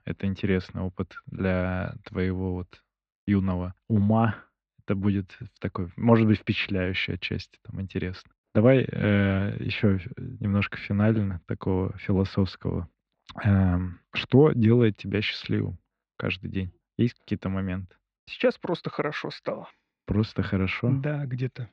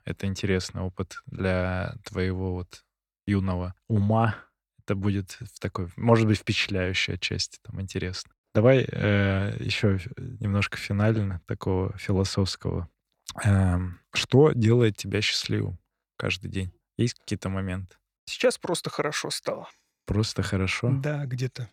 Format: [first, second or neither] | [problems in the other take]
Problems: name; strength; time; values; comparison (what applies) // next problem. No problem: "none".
second | muffled; slightly; fading above 3.5 kHz